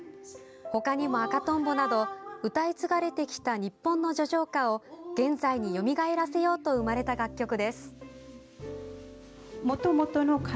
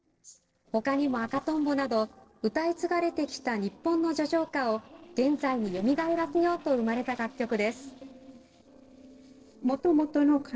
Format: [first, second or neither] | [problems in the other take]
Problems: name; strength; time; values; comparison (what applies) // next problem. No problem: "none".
first | noise reduction (neural separator model SepFormer DNS4)